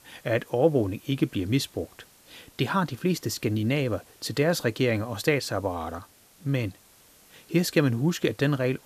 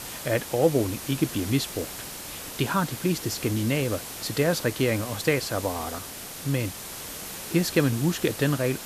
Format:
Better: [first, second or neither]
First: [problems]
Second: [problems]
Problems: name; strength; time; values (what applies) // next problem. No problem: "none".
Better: first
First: hiss; faint; throughout; 25 dB below the speech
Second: hiss; loud; throughout; 9 dB below the speech